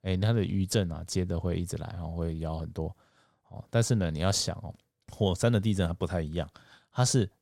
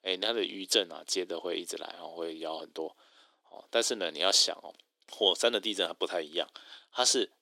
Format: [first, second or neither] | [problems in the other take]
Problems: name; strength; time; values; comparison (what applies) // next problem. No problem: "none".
first | thin; very; fading below 300 Hz